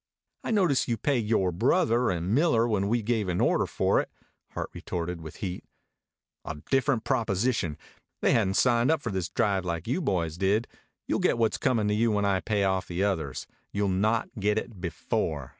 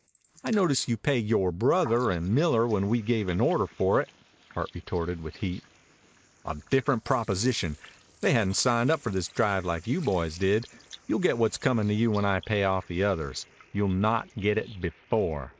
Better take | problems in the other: first | noise reduction (neural mask model Resemble Enhance denoiser)

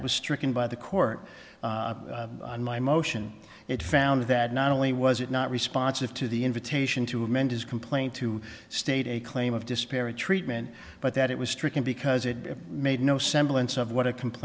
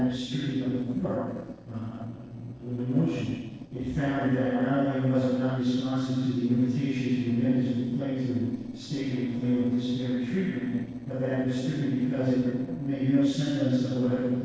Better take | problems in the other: first | noise reduction (neural separator model SepFormer DNS4)

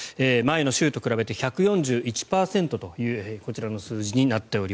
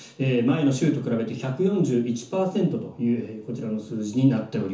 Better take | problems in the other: first | room echo; dies away in 0.9 s

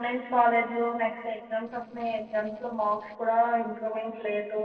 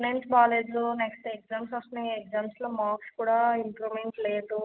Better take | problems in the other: second | noise reduction (neural separator model SepFormer DNS4)

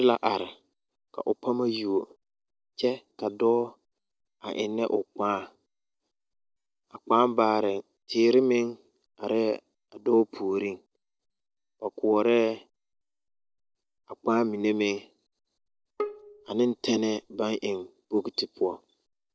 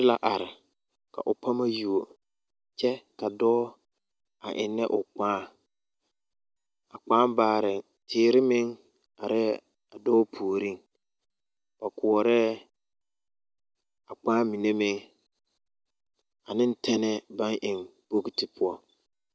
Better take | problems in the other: second | noise reduction (neural separator model SepFormer DNS4)

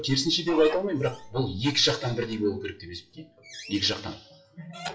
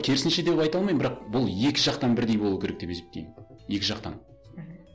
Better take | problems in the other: second | noise reduction (classical method WPE with log-MMSE)

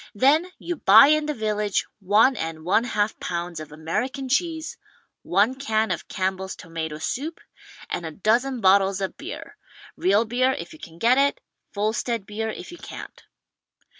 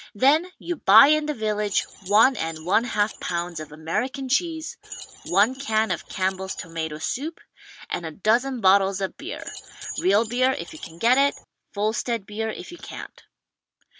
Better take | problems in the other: first | background sound (Keys jangling); 14 dB below the speech

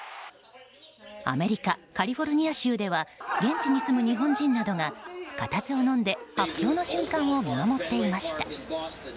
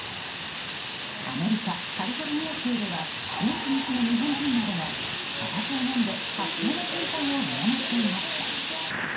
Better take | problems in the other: first | background sound (Fire); 2 dB below the speech // room echo; dies away in 0.5 s

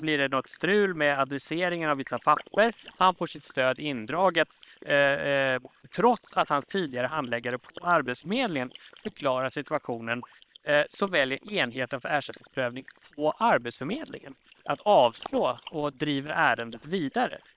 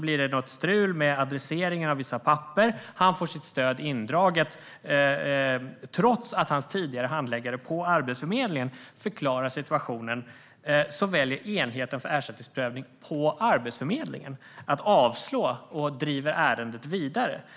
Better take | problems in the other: second | noise reduction (neural separator model SepFormer WHAM!)

